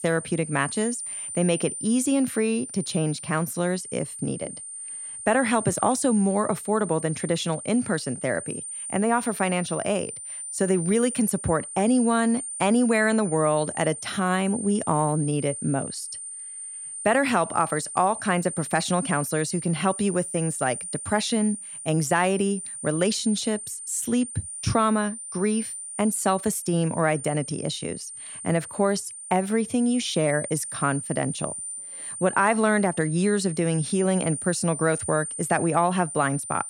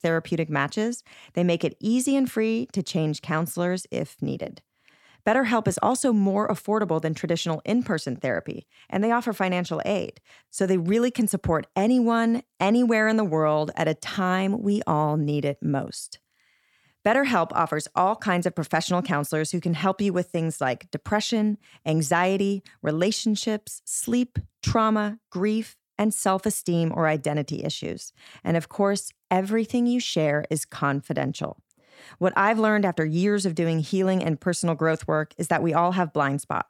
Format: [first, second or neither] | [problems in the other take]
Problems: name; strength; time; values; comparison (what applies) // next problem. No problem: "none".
second | high-pitched whine; loud; throughout; 9 kHz, 8 dB below the speech